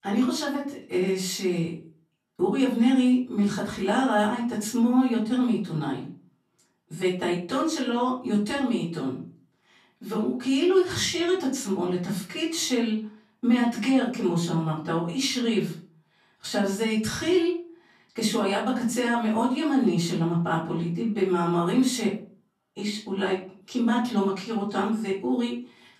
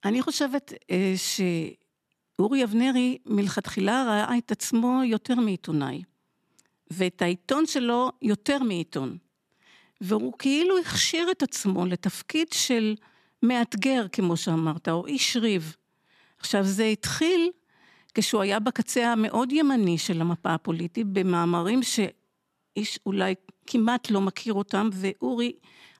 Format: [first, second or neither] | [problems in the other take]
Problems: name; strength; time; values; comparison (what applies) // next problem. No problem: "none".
second | room echo; slight; dies away in 0.3 s // off-mic speech; far